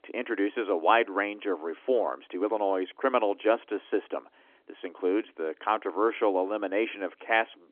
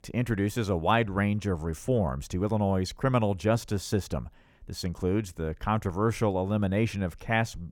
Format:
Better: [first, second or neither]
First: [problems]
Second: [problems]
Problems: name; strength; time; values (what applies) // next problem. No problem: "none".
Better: second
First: phone-call audio; nothing above 3.5 kHz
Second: none